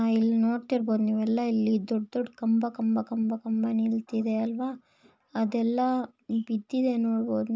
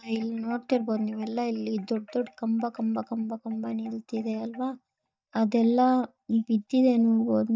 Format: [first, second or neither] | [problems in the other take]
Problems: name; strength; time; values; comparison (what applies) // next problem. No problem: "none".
first | noise reduction (neural mask model DeepFilterNet 3)